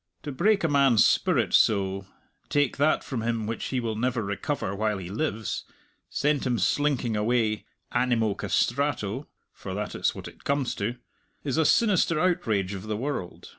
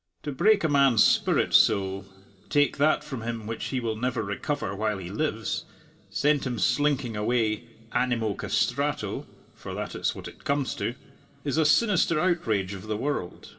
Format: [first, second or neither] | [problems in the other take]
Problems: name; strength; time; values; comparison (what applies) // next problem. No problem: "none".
first | room echo; dies away in 1.9 s